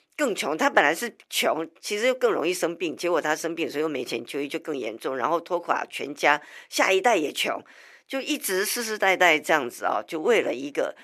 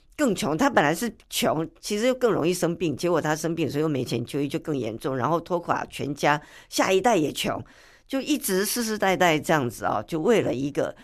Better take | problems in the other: second | thin; somewhat; fading below 400 Hz

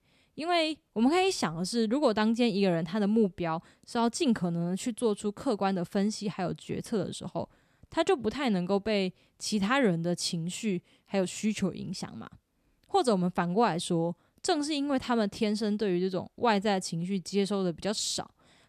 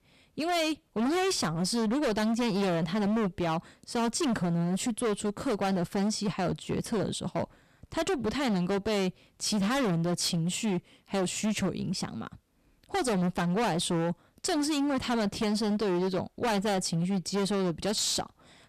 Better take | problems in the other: first | distortion; heavy; 25% of the sound clipped

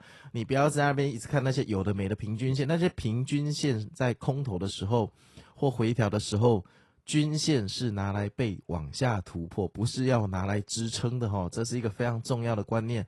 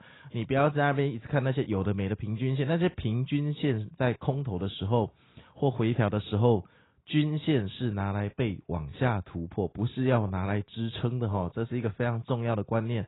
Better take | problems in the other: first | garbled, watery; badly; nothing above 4 kHz; slightly in the first

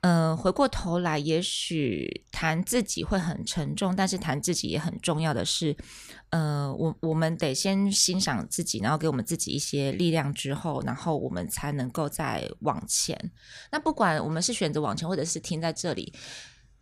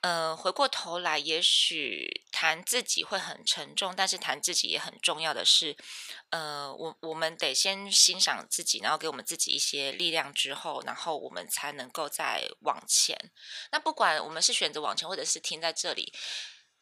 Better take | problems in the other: first | thin; very; fading below 700 Hz

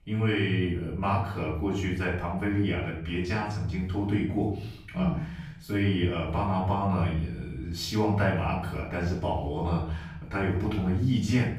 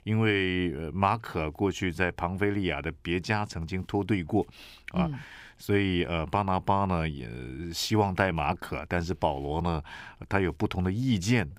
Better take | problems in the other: second | off-mic speech; far // room echo; noticeable; dies away in 0.8 s

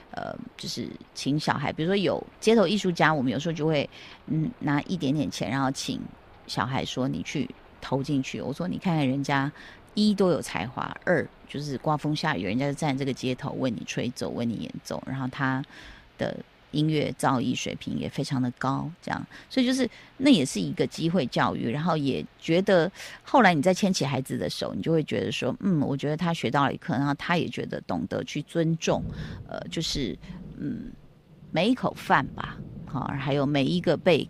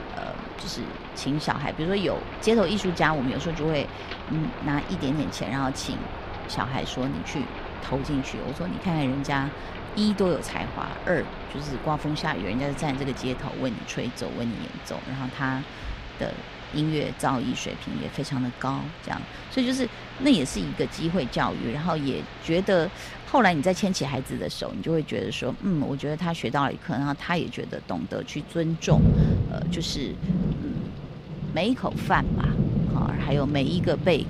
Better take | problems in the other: first | rain or running water; loud; throughout; 5 dB below the speech; faint in the first

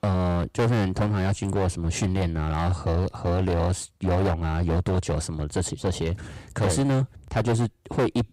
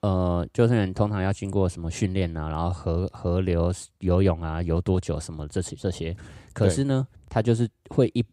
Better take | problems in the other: second | distortion; heavy; 16% of the sound clipped

